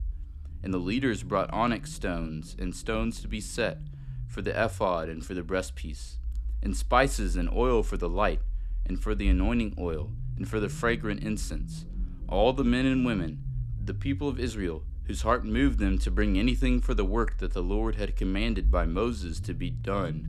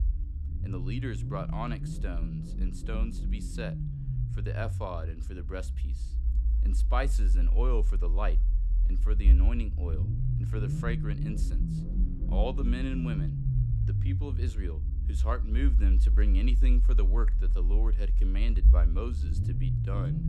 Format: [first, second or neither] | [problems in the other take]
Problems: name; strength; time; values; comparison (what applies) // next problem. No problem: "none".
first | low rumble; loud; throughout; 6 dB below the speech; faint in the first